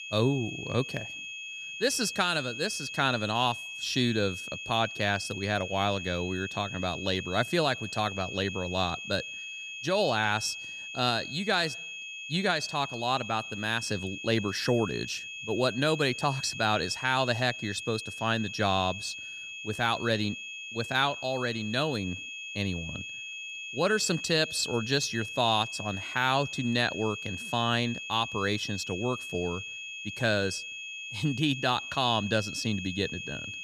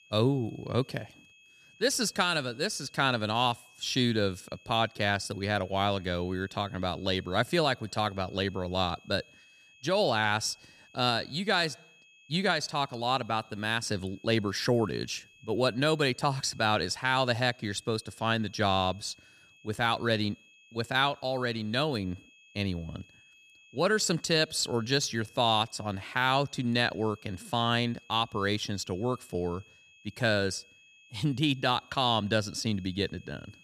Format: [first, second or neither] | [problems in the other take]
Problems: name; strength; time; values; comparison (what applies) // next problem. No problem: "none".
second | high-pitched whine; loud; throughout; 2.5 kHz, 8 dB below the speech; faint in the second